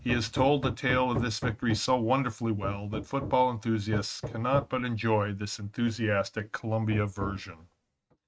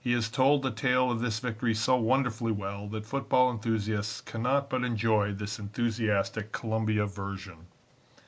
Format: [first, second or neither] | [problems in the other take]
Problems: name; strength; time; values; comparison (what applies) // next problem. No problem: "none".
second | noise reduction (neural mask model RNNoise)